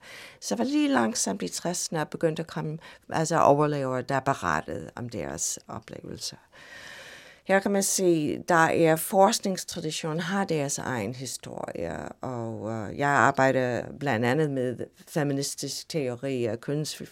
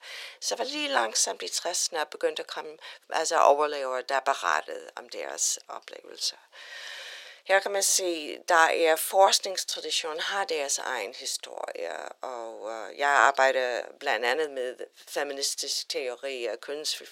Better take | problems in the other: first | thin; very; fading below 450 Hz

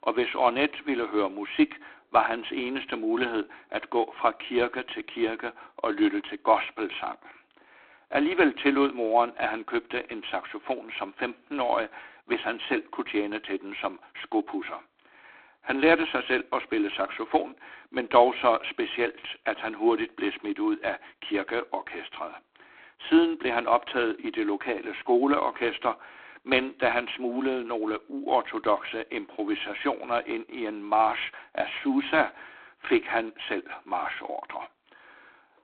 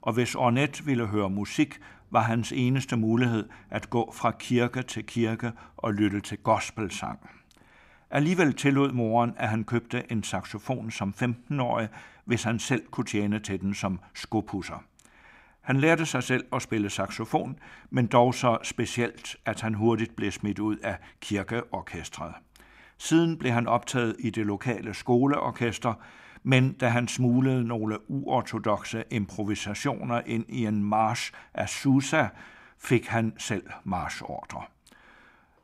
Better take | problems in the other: second | phone-call audio; poor line

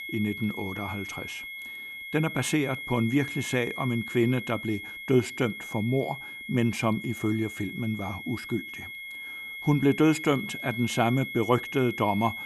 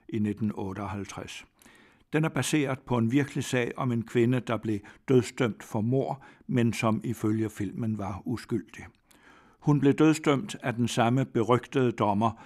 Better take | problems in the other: second | high-pitched whine; loud; throughout; 2 kHz, 8 dB below the speech

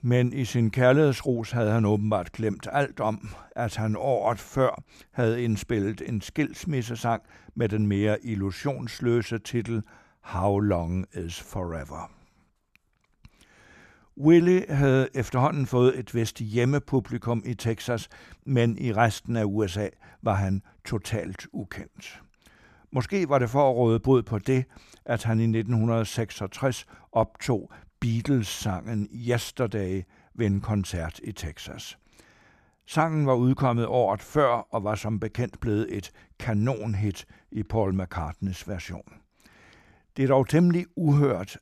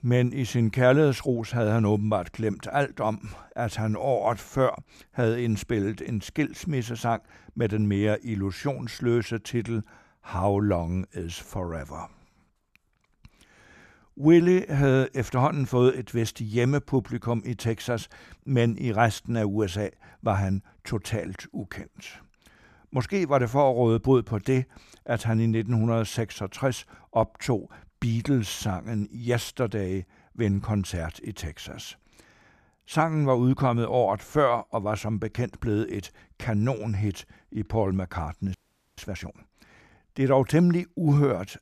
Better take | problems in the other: first | audio freezing; at 39 s

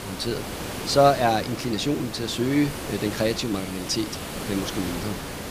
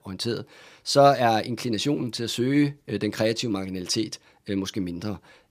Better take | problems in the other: second | hiss; loud; throughout; 8 dB below the speech

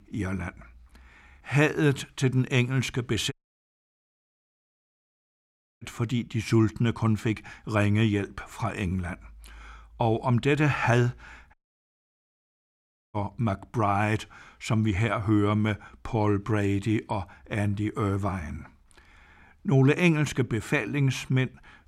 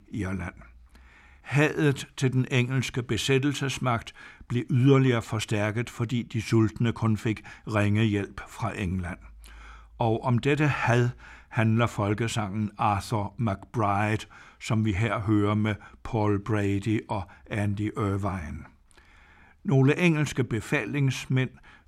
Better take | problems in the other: second | audio cutting out; at 3.5 s for 2.5 s and at 12 s for 1.5 s

